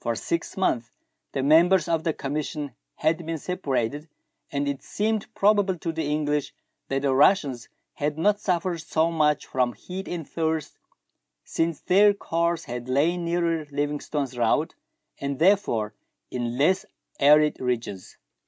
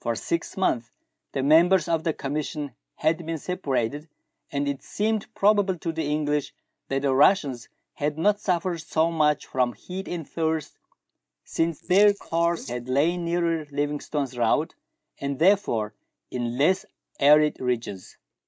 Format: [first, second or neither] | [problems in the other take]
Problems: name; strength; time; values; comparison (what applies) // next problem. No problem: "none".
first | noise reduction (neural mask model Resemble Enhance denoiser)